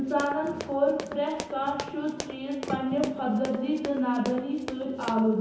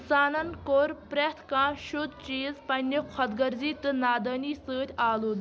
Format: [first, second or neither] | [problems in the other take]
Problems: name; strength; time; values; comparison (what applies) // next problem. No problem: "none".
second | background sound (Run); 12 dB below the speech // room echo; dies away in 1 s